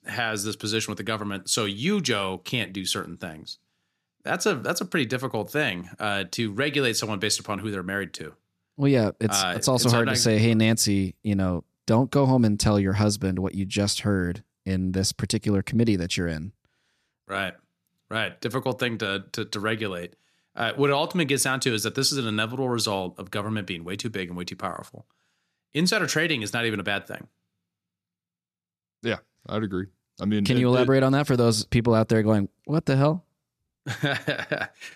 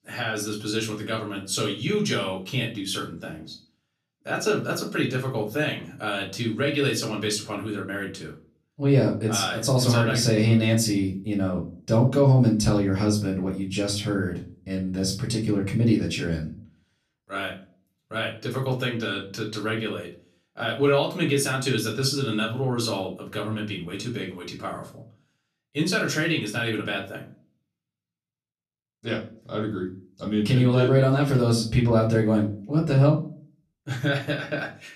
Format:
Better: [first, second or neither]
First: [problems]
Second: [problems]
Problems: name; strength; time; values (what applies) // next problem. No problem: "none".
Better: first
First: none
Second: off-mic speech; far // room echo; slight; dies away in 0.3 s